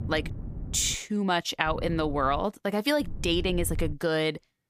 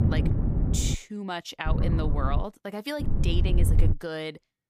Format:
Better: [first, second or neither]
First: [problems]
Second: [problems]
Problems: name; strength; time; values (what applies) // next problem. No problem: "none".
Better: first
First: low rumble; faint; at the start, at 1.5 s and at 3 s; 25 dB below the speech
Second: low rumble; loud; at the start, at 1.5 s and at 3 s; 5 dB below the speech